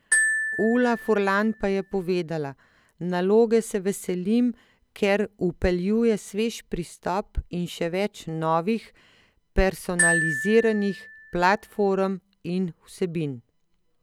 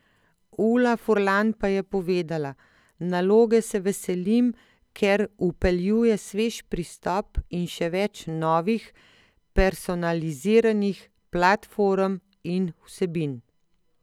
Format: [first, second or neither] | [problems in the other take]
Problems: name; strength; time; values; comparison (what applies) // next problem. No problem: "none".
second | background sound (Glockenspiel); 3 dB below the speech